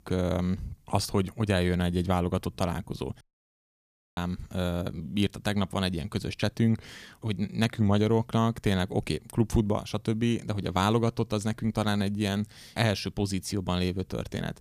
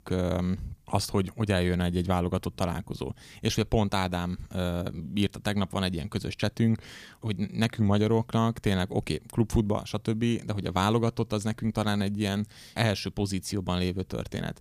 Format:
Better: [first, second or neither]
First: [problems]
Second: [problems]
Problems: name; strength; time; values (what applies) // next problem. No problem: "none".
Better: second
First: audio cutting out; at 3 s for 1 s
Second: none